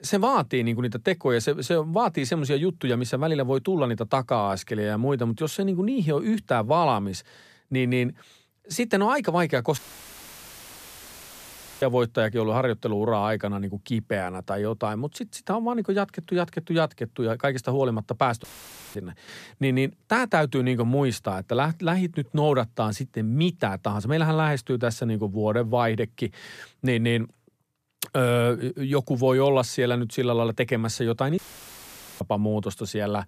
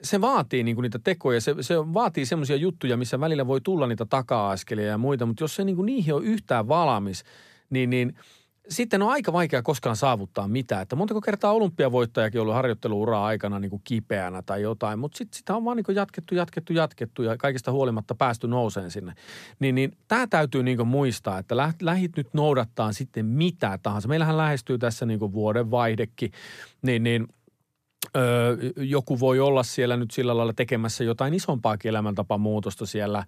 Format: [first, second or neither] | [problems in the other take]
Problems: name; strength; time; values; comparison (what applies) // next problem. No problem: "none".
second | audio cutting out; filled with static; at 10 s for 2 s, at 18 s for 0.5 s and at 31 s for 1 s